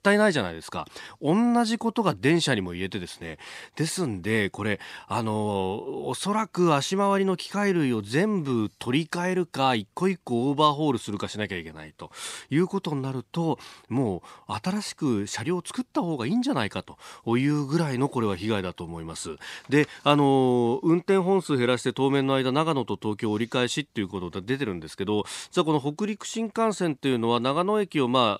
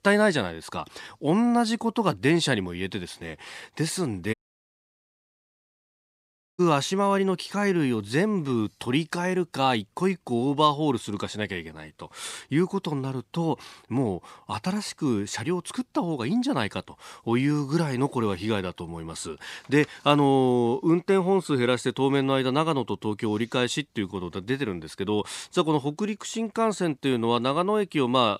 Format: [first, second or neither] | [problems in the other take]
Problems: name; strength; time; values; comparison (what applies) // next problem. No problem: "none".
first | audio cutting out; at 4.5 s for 2 s